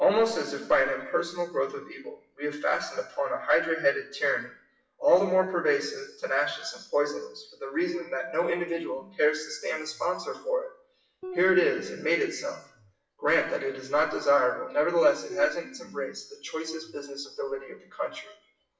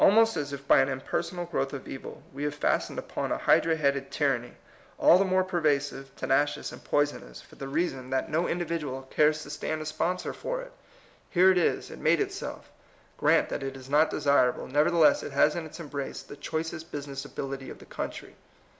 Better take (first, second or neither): second